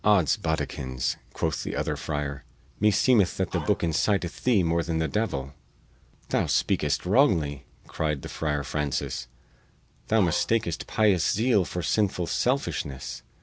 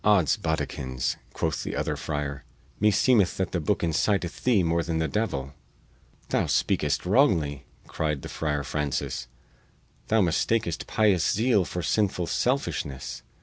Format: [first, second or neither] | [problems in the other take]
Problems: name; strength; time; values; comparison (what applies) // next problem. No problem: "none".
second | background sound (Dog); 14 dB below the speech